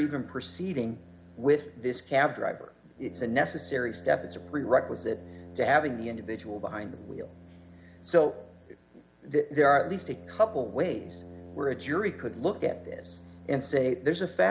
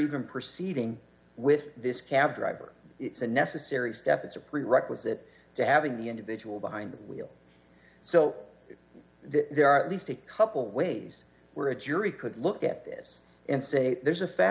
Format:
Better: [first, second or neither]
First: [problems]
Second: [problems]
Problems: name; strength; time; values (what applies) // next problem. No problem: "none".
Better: second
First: background sound (Brass instrument); 18 dB below the speech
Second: none